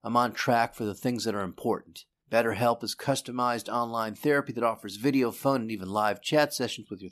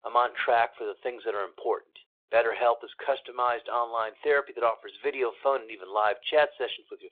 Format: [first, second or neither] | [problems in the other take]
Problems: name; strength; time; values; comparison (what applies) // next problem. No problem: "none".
first | phone-call audio